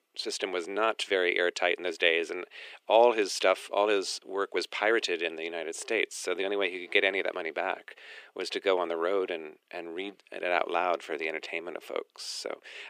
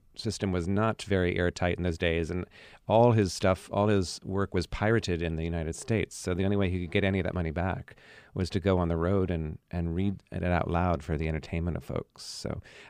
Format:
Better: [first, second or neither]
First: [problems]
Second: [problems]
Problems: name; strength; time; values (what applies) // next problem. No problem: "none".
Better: second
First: thin; very; fading below 350 Hz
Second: none